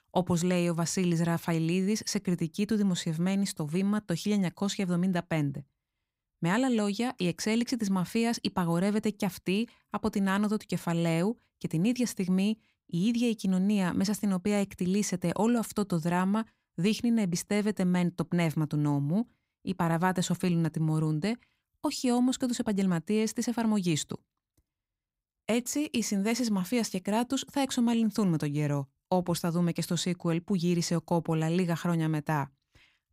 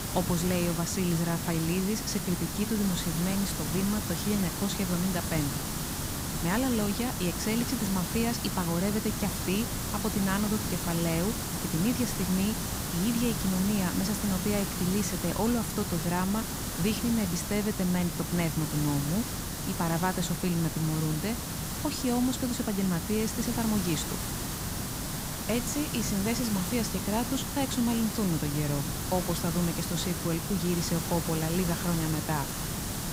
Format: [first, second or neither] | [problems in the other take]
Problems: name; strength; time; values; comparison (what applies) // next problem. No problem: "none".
first | hiss; loud; throughout; 2 dB below the speech